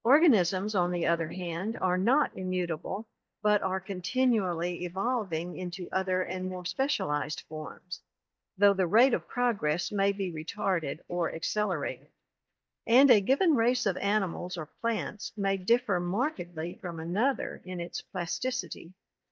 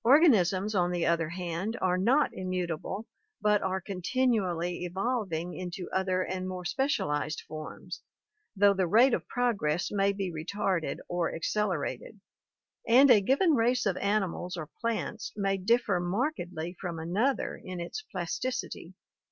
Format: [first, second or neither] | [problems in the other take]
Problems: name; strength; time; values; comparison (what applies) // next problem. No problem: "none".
second | noise reduction (neural mask model DeepFilterNet 3)